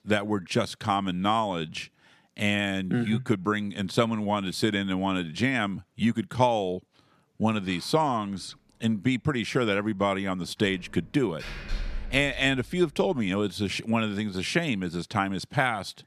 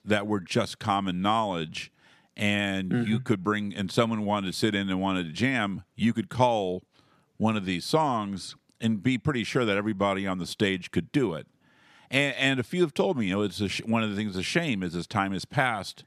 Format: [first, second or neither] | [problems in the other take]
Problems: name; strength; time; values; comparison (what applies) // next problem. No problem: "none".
second | door banging; noticeable; from 11 to 12 s; peak 9 dB below the speech